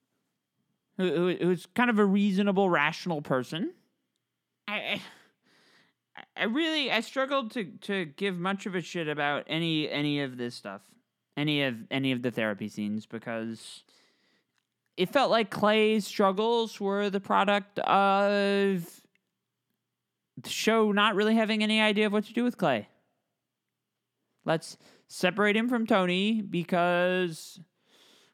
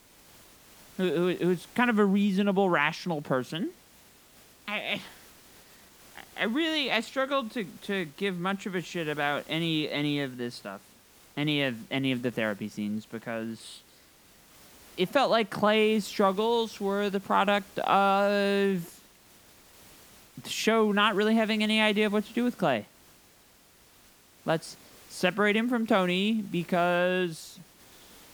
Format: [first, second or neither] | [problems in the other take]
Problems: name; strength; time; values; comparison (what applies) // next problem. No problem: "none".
first | hiss; faint; throughout; 25 dB below the speech